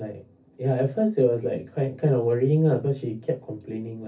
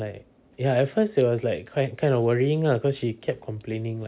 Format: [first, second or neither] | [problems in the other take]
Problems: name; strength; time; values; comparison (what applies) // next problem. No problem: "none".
second | room echo; dies away in 0.3 s